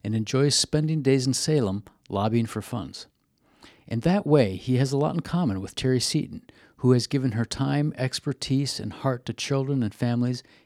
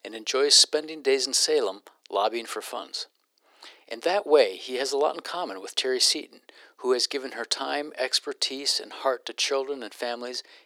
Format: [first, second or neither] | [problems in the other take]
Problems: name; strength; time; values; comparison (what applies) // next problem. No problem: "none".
first | thin; very; fading below 400 Hz